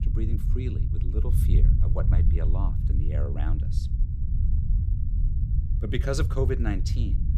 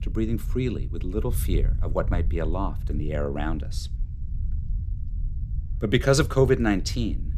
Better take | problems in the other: second | low rumble; loud; throughout; 6 dB below the speech; faint in the second

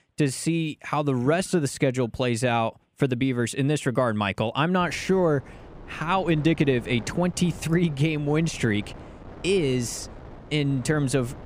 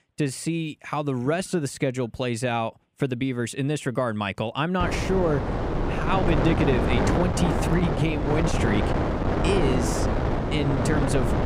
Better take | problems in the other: first | wind noise on the microphone; heavy; from 5 s on; 1 dB above the speech; occasional gusts in the first

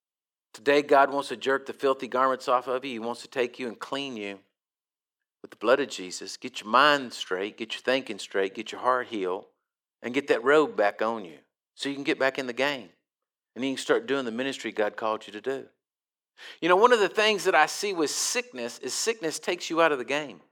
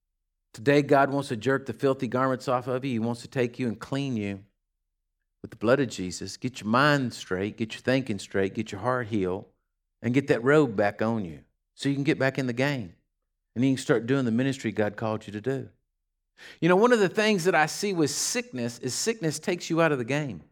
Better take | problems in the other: second | thin; somewhat; fading below 450 Hz

